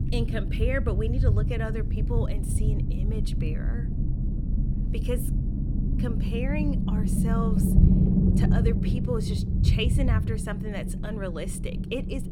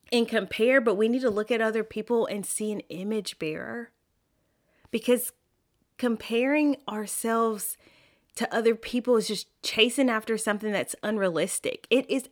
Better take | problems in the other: second | low rumble; loud; throughout; 2 dB below the speech

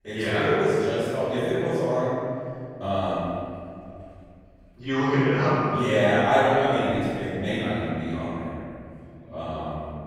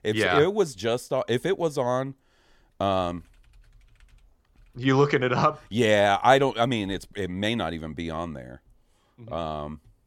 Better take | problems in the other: second | off-mic speech; far // room echo; strong; dies away in 2.5 s

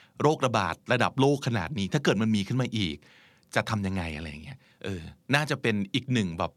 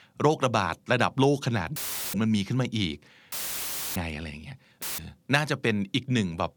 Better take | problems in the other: first | audio cutting out; filled with static; at 2 s, at 3.5 s for 0.5 s and at 5 s

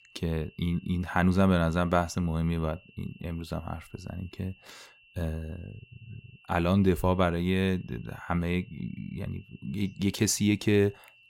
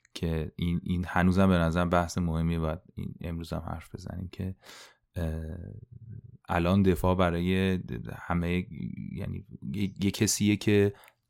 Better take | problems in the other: second | high-pitched whine; faint; throughout; 2.5 kHz, 30 dB below the speech

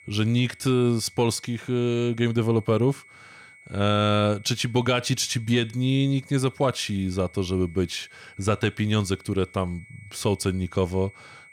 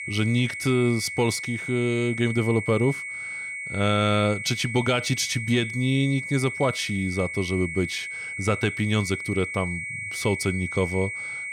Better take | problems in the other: first | high-pitched whine; loud; throughout; 2 kHz, 6 dB below the speech; faint in the first

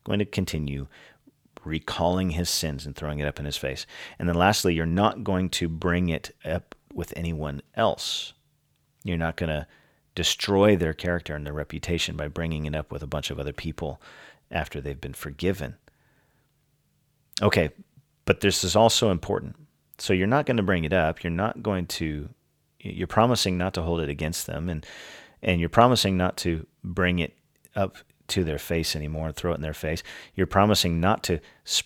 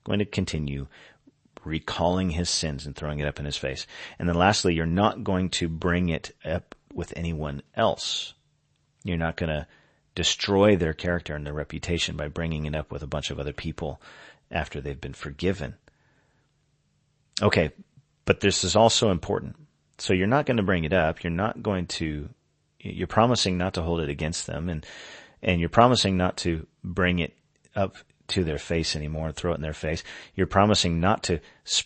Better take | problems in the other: first | garbled, watery; slightly; nothing above 8 kHz

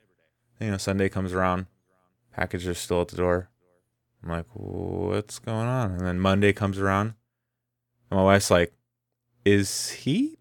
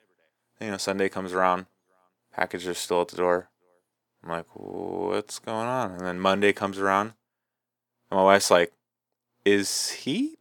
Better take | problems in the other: first | thin; somewhat; fading below 250 Hz

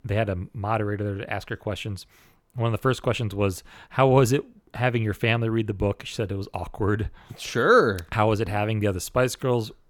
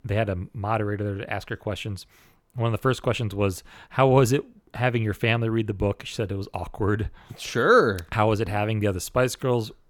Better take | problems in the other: neither | none

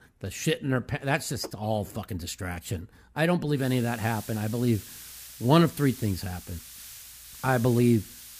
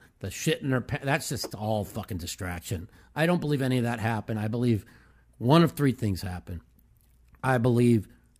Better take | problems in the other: second | hiss; noticeable; from 3.5 s on; 15 dB below the speech

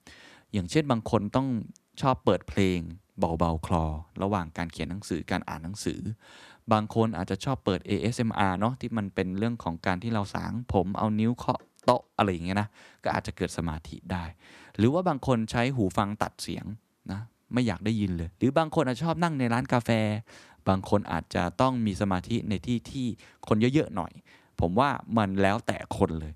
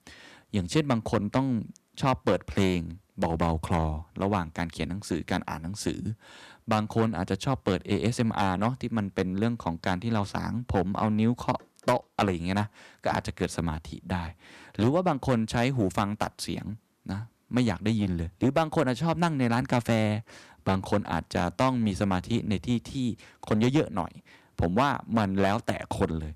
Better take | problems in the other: first | distortion; slight; 3% of the sound clipped

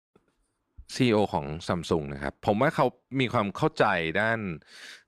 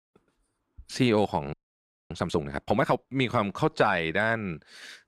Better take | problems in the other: first | audio freezing; at 1.5 s for 0.5 s

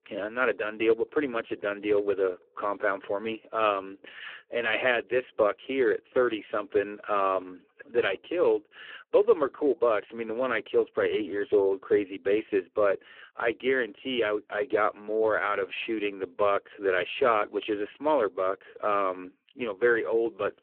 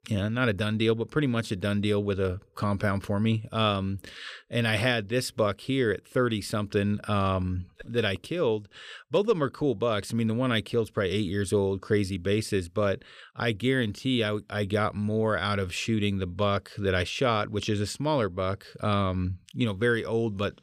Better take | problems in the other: second | phone-call audio; poor line

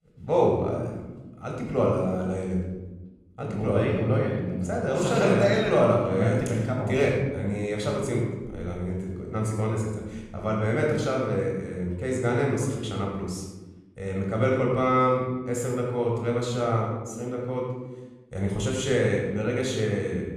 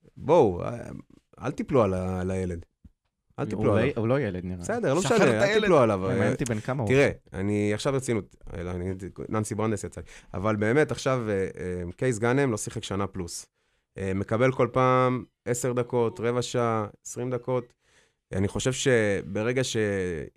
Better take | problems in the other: second | off-mic speech; somewhat distant // room echo; noticeable; dies away in 1 s

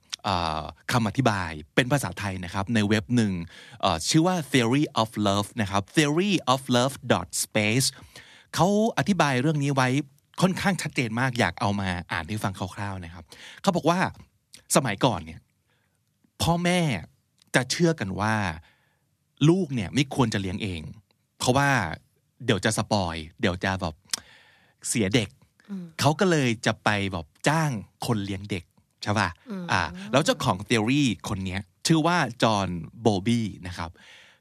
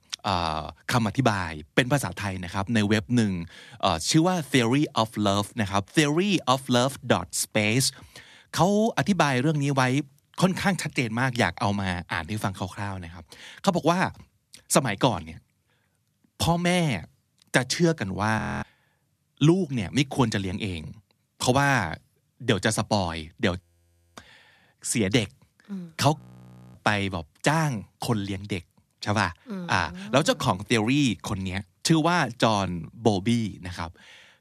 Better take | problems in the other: first | audio freezing; at 18 s, at 24 s for 0.5 s and at 26 s for 0.5 s

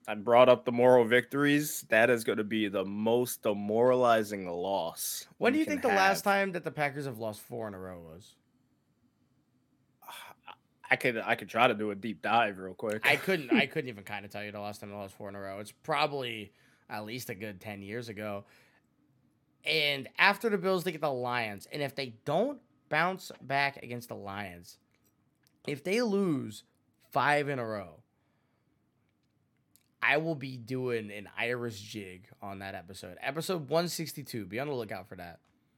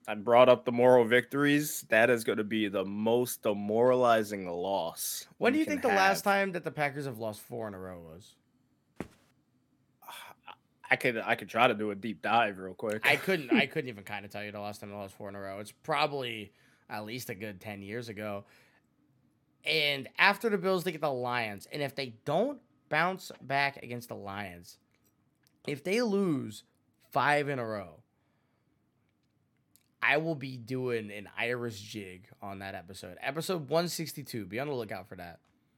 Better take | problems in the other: first | footsteps; faint; at 9 s; peak 15 dB below the speech

